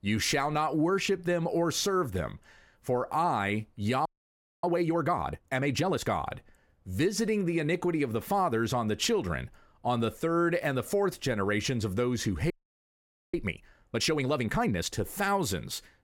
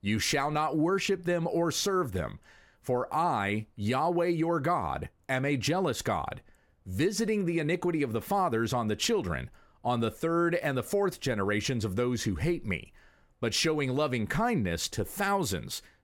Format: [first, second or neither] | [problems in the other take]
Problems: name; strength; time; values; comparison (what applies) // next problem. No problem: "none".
second | audio freezing; at 4 s for 0.5 s and at 13 s for 1 s